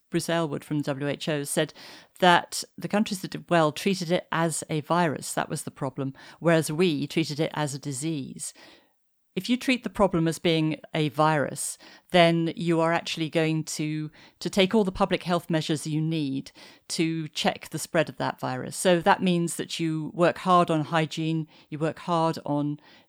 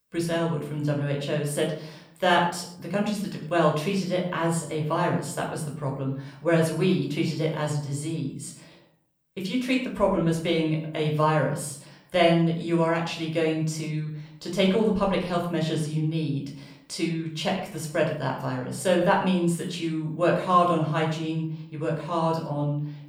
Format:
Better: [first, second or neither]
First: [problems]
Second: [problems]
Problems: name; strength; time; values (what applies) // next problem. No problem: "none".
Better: first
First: none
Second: off-mic speech; somewhat distant // room echo; slight; dies away in 0.6 s